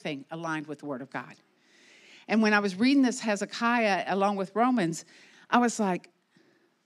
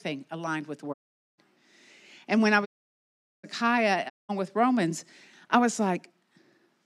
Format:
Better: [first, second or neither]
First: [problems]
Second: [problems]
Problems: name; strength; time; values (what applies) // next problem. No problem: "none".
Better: first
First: none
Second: audio cutting out; at 1 s, at 2.5 s for 1 s and at 4 s